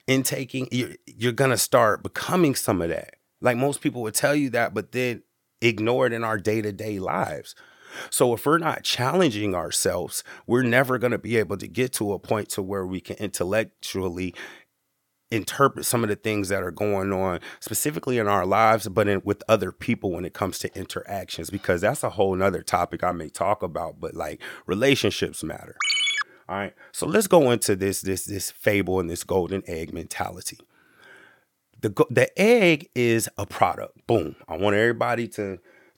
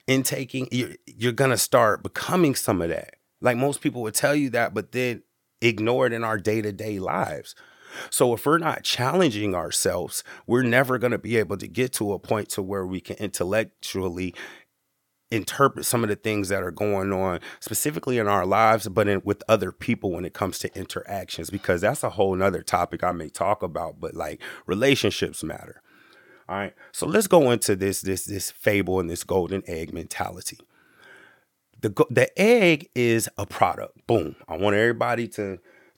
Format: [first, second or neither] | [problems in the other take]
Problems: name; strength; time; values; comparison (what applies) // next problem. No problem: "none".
second | phone ringing; loud; at 26 s; peak 3 dB above the speech